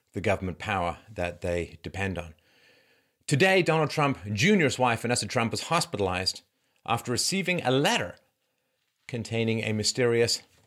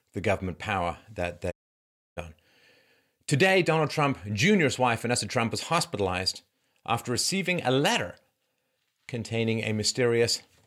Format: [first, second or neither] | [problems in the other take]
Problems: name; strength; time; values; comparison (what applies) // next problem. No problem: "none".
first | audio cutting out; at 1.5 s for 0.5 s